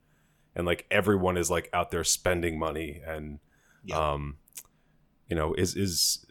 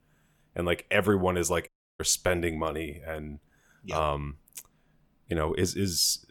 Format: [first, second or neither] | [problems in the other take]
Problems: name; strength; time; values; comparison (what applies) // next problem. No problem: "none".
first | audio cutting out; at 1.5 s